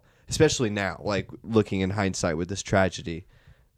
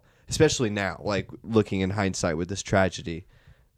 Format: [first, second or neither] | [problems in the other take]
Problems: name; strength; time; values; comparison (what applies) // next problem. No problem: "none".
neither | none